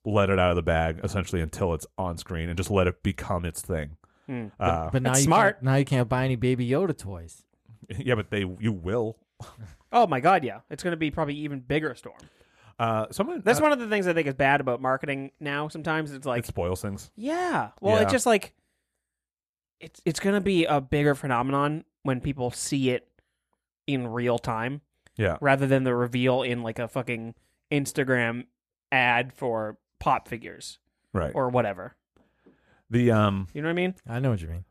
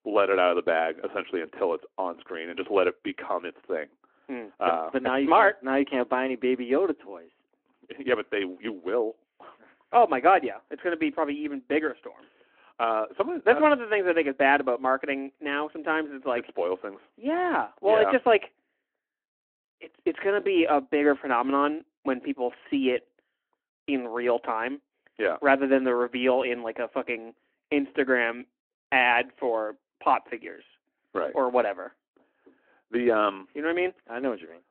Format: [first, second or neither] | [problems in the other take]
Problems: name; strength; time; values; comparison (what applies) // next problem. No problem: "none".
first | phone-call audio